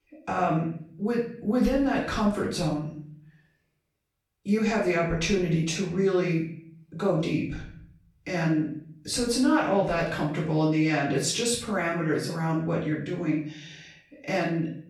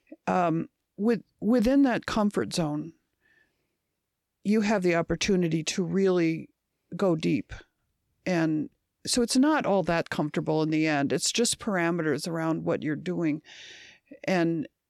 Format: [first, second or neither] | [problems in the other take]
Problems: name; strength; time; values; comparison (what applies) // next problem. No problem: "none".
second | off-mic speech; far // room echo; noticeable; dies away in 0.5 s